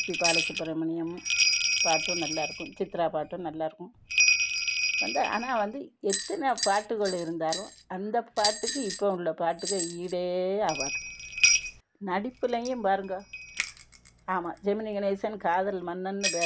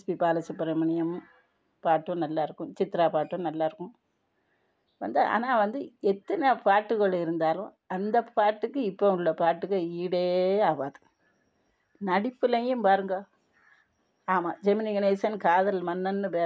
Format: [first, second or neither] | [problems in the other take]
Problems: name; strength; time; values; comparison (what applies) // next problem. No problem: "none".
second | background sound (Bell); 1 dB below the speech